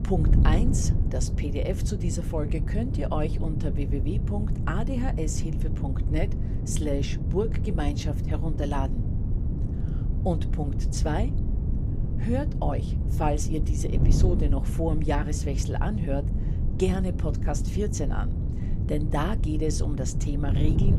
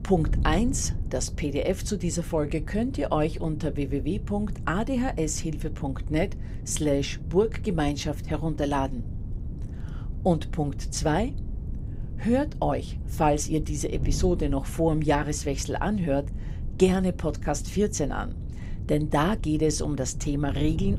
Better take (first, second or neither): second